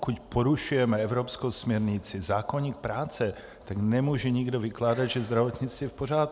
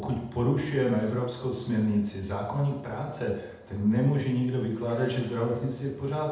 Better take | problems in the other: first | room echo; dies away in 0.8 s

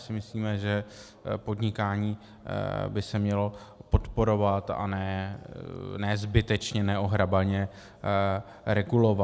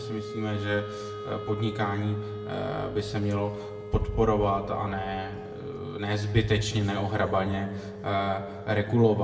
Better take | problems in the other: first | background sound (Wind instrument, woodwind instrument); 12 dB below the speech // room echo; dies away in 1.4 s

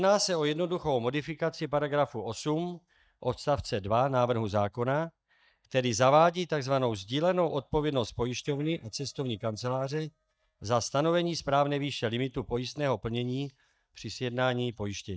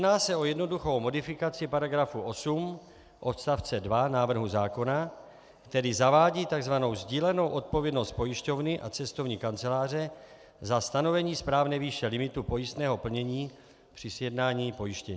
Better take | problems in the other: second | noise reduction (neural mask model DeepFilterNet 3)

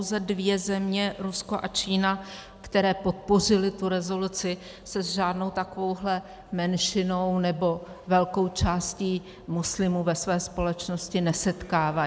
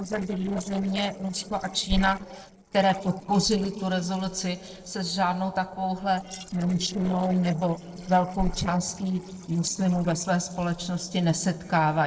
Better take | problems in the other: first | noise reduction (neural separator model SepFormer DNS4)

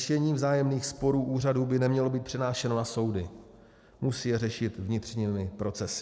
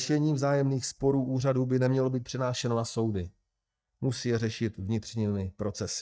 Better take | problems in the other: first | noise reduction (neural mask model DeepFilterNet 3)

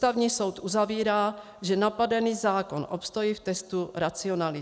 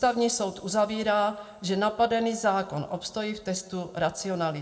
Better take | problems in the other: first | room echo; dies away in 1.3 s

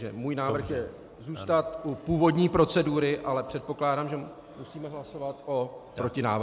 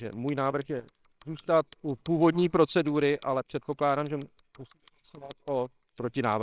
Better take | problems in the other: first | noise reduction (neural separator model SepFormer WHAMR!)

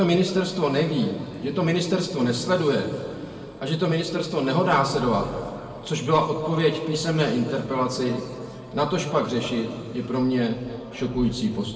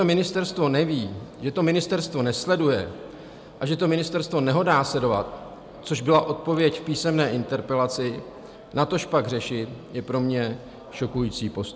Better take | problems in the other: second | room echo; dies away in 2.4 s

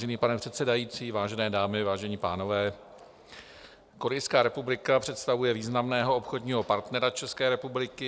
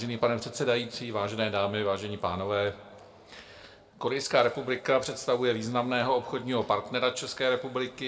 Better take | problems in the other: first | room echo; dies away in 1.6 s

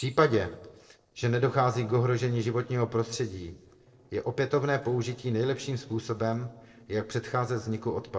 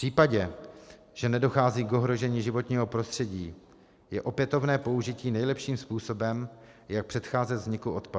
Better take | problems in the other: second | noise reduction (neural separator model SepFormer DNS4)

